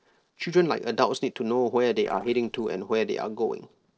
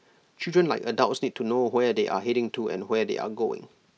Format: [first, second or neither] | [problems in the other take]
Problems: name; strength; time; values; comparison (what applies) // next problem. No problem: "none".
second | noise reduction (neural separator model SepFormer DNS4)